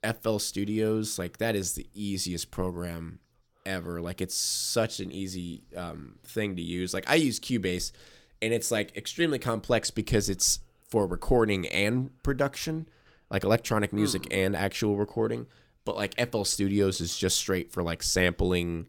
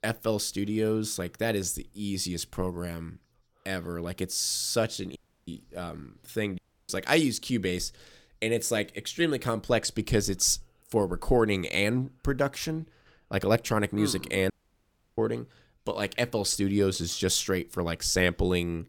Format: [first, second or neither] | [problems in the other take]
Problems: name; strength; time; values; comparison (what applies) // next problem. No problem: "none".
first | audio cutting out; at 5 s, at 6.5 s and at 15 s for 0.5 s